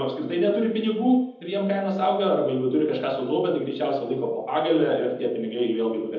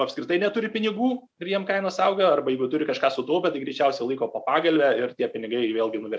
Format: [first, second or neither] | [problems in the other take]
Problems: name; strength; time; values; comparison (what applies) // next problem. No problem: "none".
second | room echo; dies away in 1 s